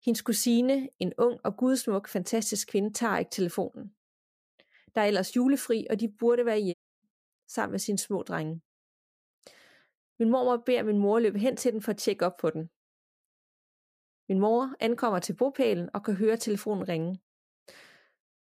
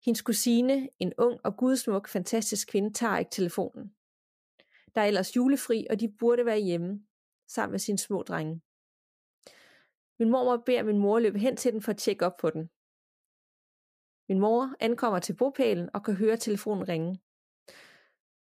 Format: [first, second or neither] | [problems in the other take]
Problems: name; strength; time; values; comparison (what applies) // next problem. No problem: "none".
second | audio cutting out; at 6.5 s